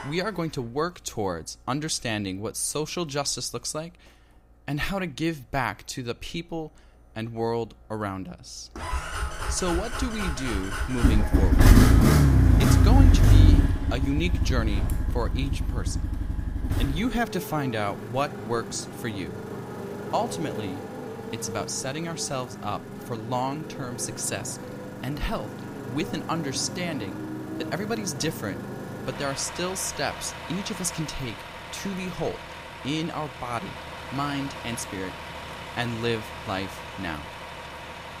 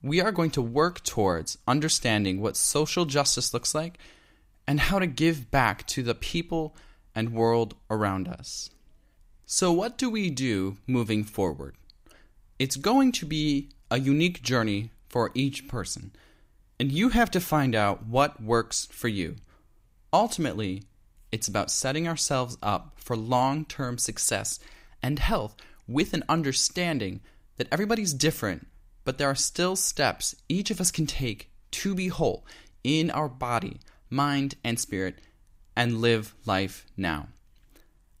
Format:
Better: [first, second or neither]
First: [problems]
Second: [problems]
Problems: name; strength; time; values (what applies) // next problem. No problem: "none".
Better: second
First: traffic noise; very loud; throughout; 3 dB above the speech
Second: none